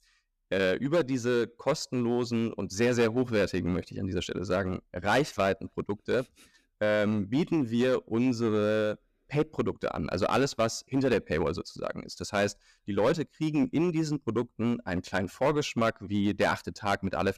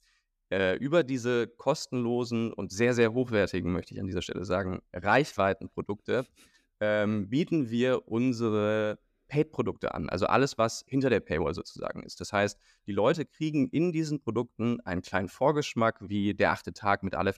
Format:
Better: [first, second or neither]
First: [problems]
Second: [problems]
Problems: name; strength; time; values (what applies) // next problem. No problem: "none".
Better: second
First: distortion; slight; 5% of the sound clipped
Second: none